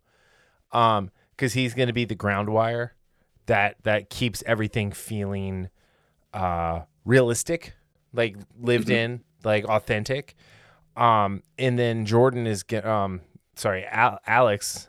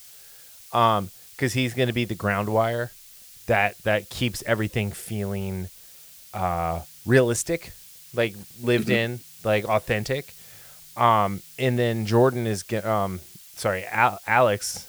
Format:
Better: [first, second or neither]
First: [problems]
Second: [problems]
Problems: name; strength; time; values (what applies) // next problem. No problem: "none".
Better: first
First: none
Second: hiss; noticeable; throughout; 20 dB below the speech